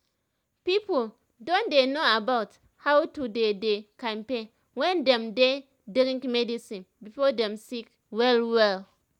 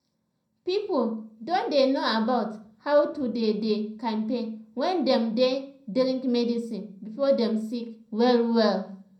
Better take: first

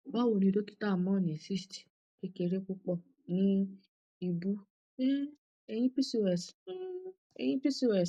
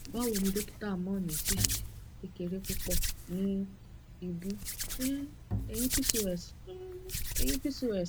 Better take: first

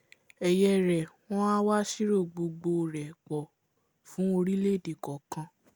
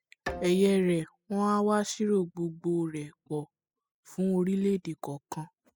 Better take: first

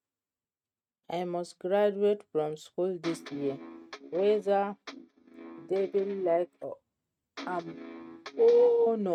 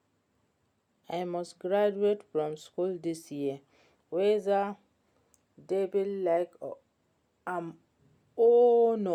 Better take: second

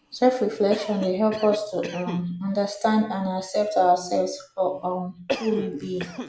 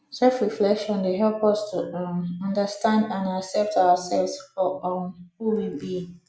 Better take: second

